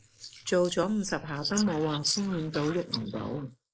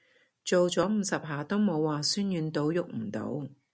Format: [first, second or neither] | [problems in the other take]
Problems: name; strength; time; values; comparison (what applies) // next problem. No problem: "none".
second | noise reduction (neural mask model Resemble Enhance denoiser)